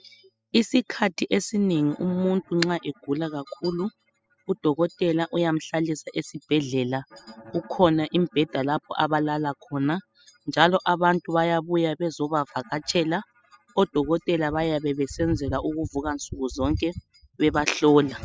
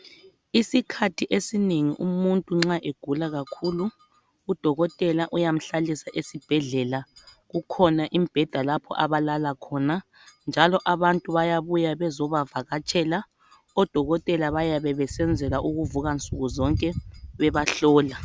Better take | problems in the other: second | noise reduction (classical method spectral subtraction)

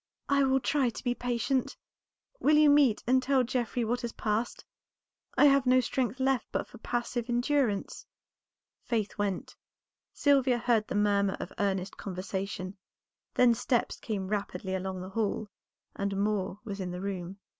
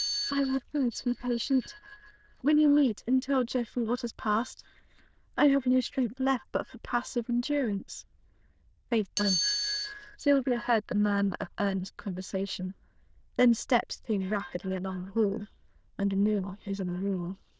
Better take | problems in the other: first | noise reduction (neural diffusion model UNIVERSE++)

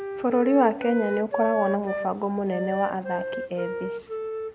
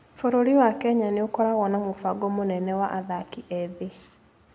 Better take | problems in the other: second | background sound (Wind instrument, woodwind instrument); 6 dB below the speech

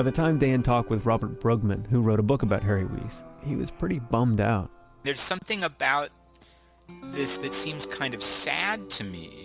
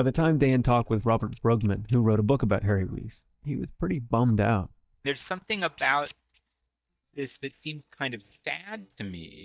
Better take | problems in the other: first | noise reduction (neural mask model DeepFilterNet 3)

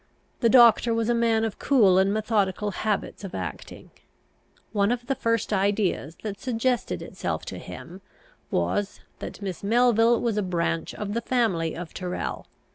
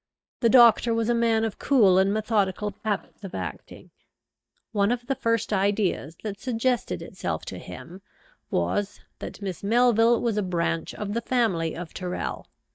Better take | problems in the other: first | noise reduction (neural mask model DeepFilterNet 3)

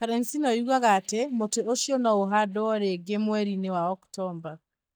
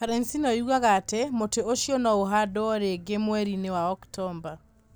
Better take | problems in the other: second | noise reduction (neural mask model DeepFilterNet 3)

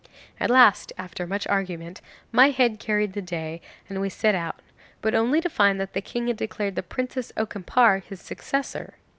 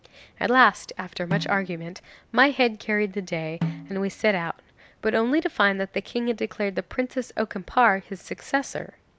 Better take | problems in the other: first | background sound (Snare drum); 10 dB below the speech

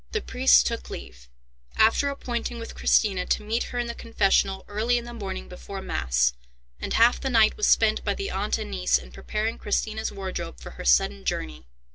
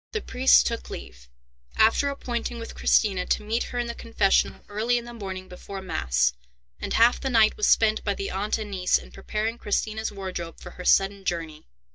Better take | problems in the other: first | noise reduction (neural mask model DeepFilterNet 3)

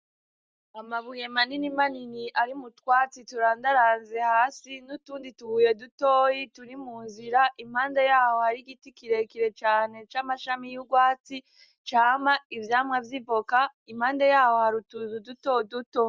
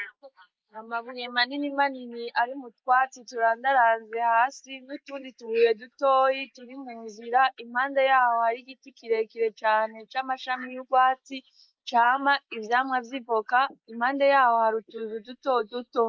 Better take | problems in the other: first | noise reduction (neural mask model Resemble Enhance denoiser)

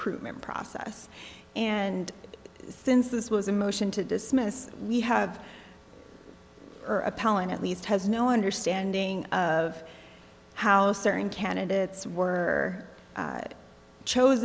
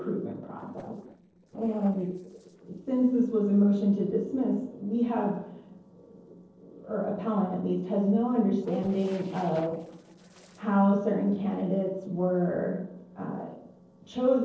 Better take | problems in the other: first | noise reduction (neural separator model SepFormer DNS4)

